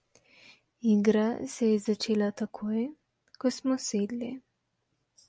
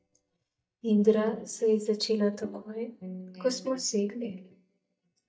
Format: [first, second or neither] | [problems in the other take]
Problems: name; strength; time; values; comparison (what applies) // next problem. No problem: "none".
first | noise reduction (neural mask model DeepFilterNet 3)